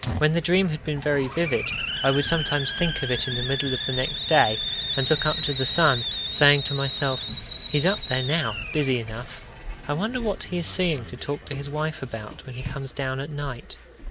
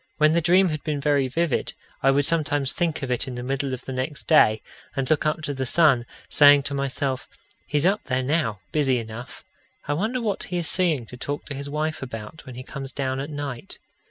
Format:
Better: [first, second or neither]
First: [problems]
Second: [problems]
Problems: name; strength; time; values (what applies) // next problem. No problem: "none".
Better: second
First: background sound (Hiss); 5 dB below the speech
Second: none